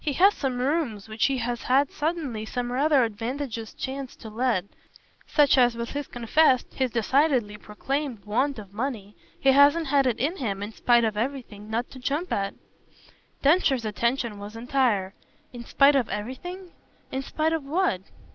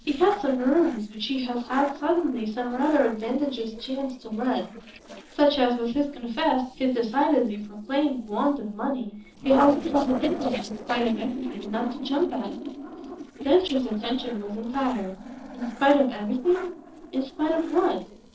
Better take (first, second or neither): first